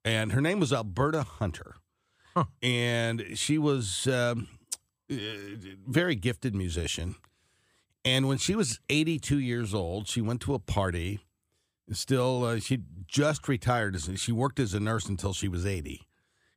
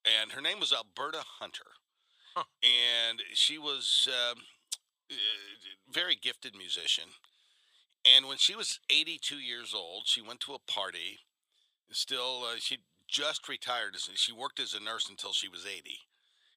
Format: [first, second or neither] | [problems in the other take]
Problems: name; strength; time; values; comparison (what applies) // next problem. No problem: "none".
first | thin; very; fading below 700 Hz